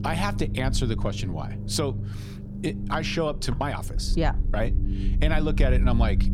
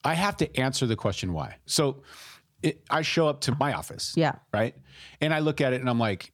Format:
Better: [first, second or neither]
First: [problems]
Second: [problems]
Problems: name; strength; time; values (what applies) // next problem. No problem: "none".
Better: second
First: low rumble; noticeable; throughout; 10 dB below the speech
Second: none